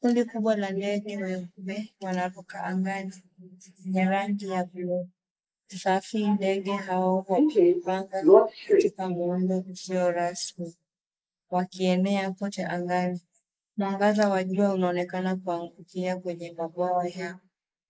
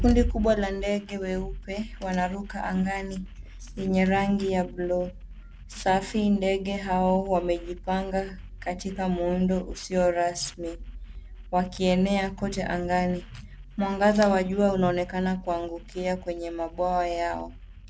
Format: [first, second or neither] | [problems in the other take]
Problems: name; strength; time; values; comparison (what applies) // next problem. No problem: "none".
second | noise reduction (neural mask model Resemble Enhance denoiser)